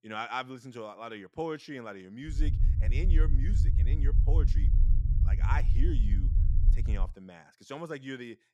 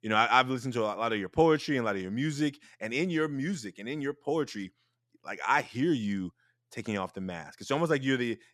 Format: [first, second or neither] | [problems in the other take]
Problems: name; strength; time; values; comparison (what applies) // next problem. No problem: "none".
second | low rumble; loud; from 2.5 to 7 s; 8 dB below the speech